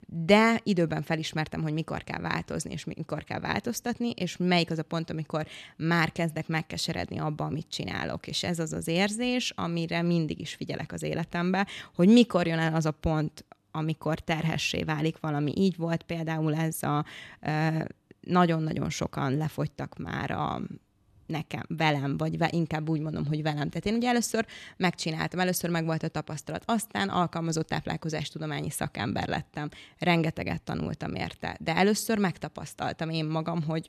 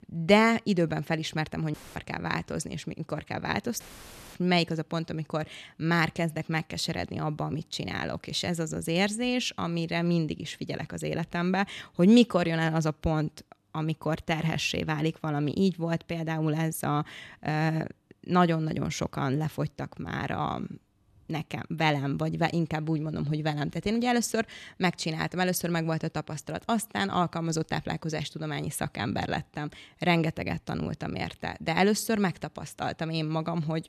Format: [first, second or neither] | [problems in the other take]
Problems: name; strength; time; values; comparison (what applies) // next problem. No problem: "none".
first | audio cutting out; filled with static; at 1.5 s and at 4 s for 0.5 s